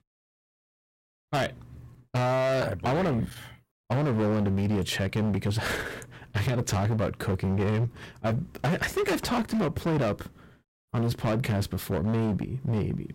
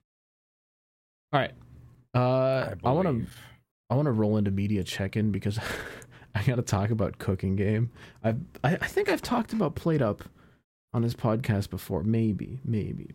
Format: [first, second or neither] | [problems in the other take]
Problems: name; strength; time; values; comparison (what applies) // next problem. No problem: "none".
second | distortion; heavy; 19% of the sound clipped